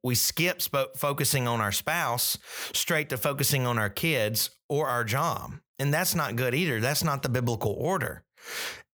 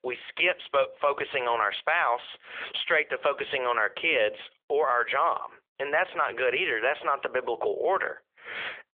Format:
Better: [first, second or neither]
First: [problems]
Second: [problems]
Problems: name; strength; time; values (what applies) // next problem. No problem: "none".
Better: first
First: none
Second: phone-call audio; nothing above 3.5 kHz